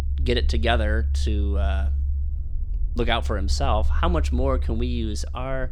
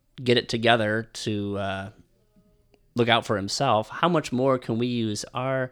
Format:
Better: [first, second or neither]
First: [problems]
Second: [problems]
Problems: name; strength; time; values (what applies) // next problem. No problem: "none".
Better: second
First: low rumble; noticeable; throughout; 20 dB below the speech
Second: none